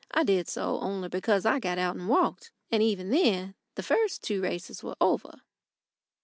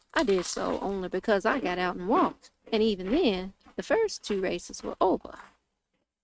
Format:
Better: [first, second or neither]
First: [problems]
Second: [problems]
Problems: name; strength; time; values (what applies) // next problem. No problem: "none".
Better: first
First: none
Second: noise reduction (neural mask model RNNoise)